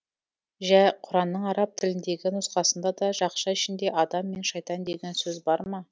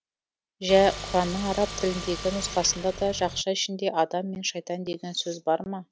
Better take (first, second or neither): first